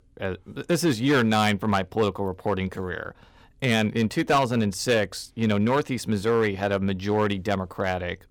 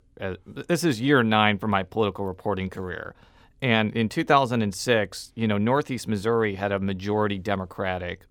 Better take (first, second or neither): second